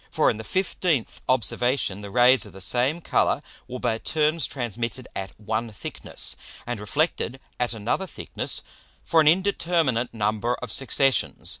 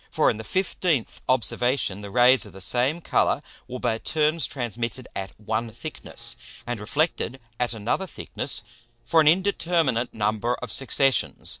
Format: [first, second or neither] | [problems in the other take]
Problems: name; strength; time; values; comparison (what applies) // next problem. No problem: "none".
first | noise reduction (neural separator model SepFormer DNS4)